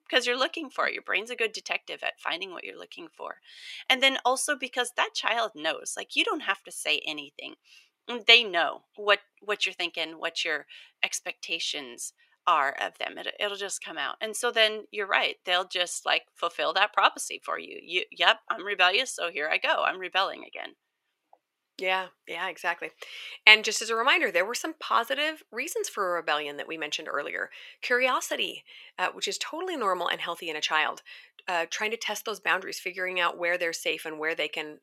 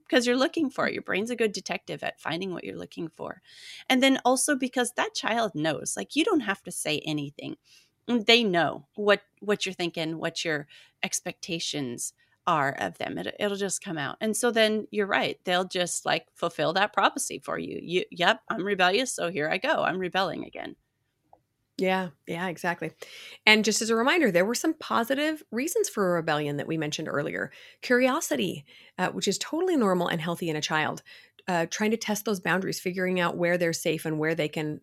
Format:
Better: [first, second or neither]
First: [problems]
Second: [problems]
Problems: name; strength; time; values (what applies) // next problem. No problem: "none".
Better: second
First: thin; very; fading below 500 Hz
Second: none